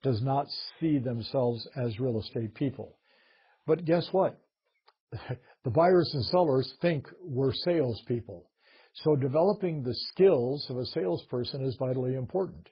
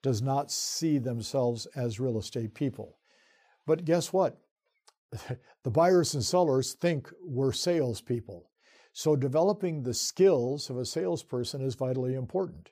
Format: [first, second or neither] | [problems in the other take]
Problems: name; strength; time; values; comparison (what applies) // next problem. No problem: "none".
second | garbled, watery; badly; nothing above 5 kHz